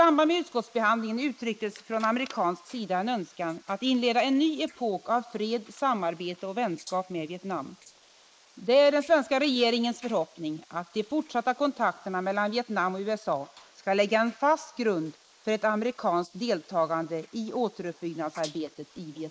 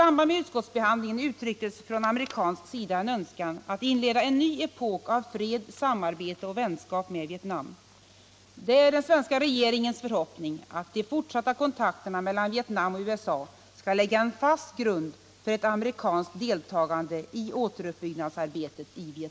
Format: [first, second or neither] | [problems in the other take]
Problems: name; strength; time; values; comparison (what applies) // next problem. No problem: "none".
second | noise reduction (neural mask model Resemble Enhance denoiser)